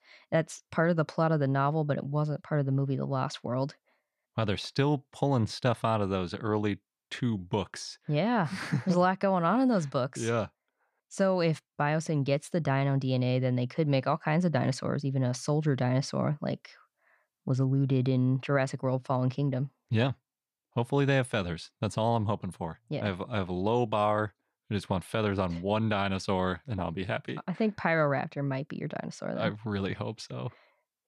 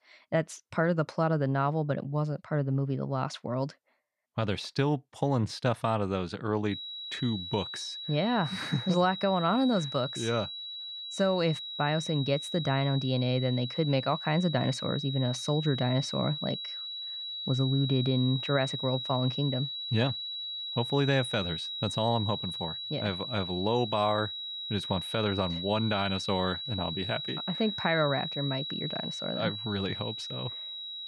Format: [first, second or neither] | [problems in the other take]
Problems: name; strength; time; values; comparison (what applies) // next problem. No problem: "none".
first | high-pitched whine; loud; from 6.5 s on; 4 kHz, 5 dB below the speech